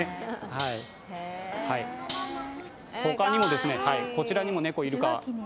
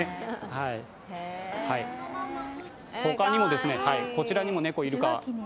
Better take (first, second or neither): second